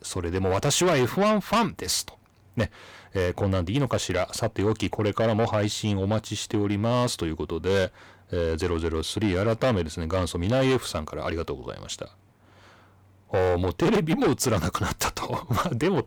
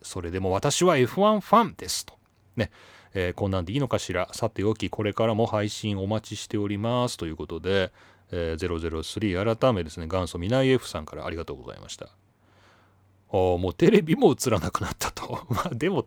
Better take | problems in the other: second | distortion; heavy; 7 dB below the speech

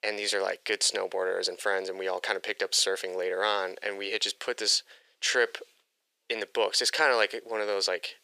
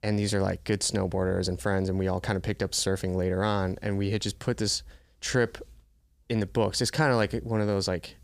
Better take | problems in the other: second | thin; very; fading below 450 Hz

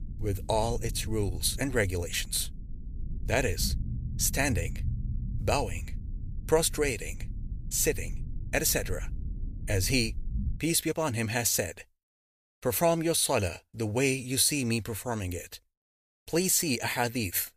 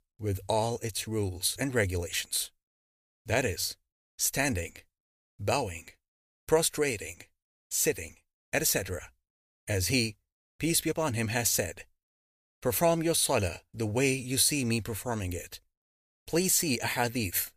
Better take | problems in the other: second | low rumble; faint; until 11 s; 25 dB below the speech

